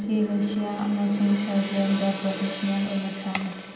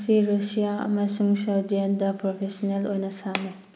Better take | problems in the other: second | background sound (Gong); 12 dB below the speech // room echo; dies away in 2 s

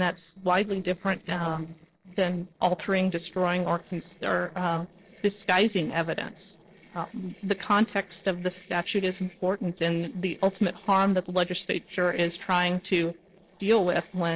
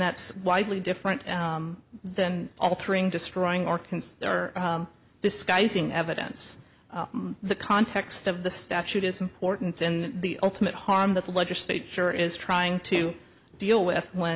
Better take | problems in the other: second | noise reduction (neural separator model SepFormer DNS4)

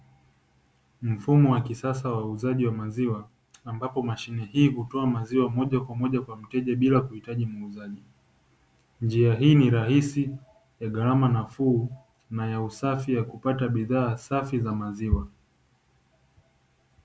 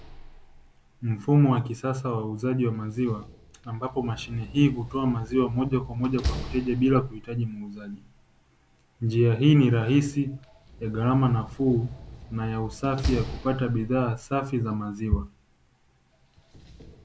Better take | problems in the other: first | background sound (Slam); 14 dB below the speech

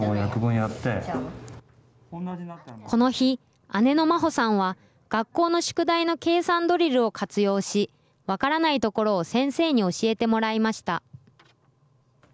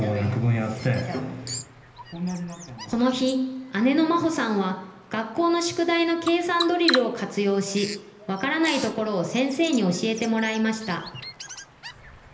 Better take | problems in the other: first | background sound (Bird vocalization, bird call, bird song); 13 dB below the speech // room echo; dies away in 1.4 s

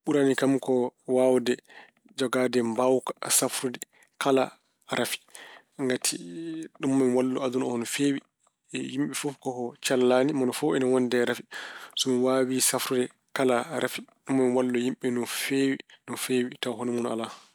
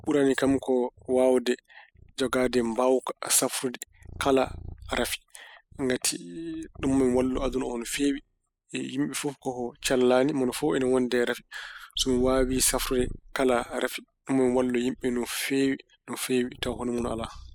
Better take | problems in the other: first | noise reduction (classical method spectral subtraction)

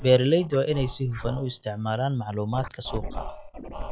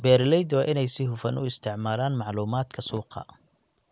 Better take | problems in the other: second | noise reduction (classical method log-MMSE)

